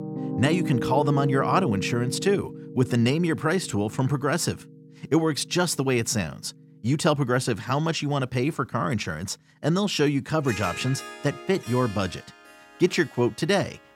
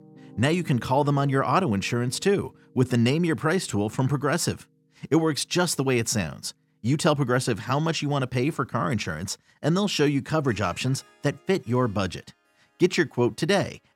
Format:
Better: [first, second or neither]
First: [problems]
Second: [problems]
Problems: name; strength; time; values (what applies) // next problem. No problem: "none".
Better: second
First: background music; loud; throughout; 9 dB below the speech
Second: background music; faint; throughout; 25 dB below the speech